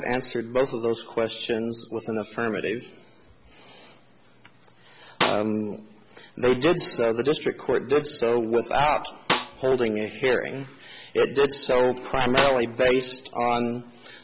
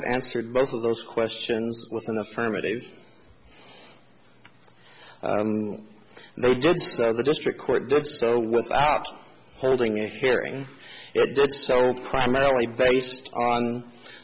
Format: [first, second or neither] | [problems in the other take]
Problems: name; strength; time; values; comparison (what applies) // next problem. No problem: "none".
second | background sound (Snare drum); 5 dB below the speech